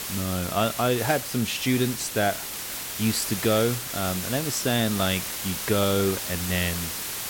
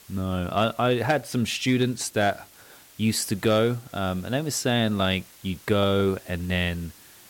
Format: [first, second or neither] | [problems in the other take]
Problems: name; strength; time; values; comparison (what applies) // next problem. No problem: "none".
second | hiss; loud; throughout; 4 dB below the speech; faint in the second